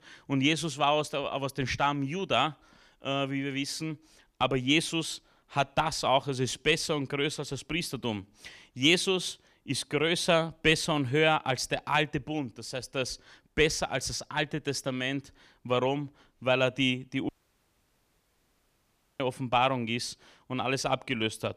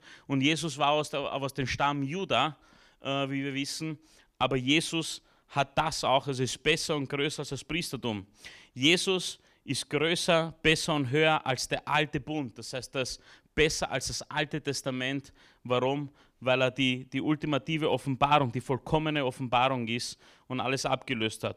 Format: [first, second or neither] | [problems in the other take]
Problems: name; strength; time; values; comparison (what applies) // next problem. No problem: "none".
second | audio cutting out; at 17 s for 2 s